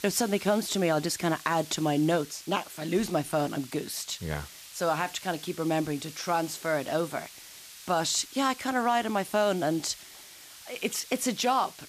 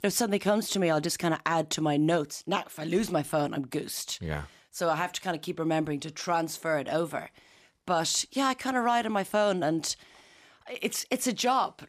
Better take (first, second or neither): second